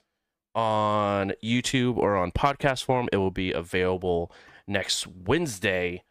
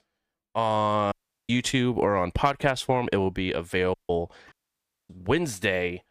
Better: first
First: none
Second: audio cutting out; at 1 s, at 4 s and at 4.5 s for 0.5 s

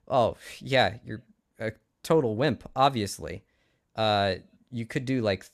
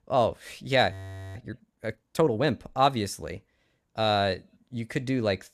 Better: first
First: none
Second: audio freezing; at 1 s

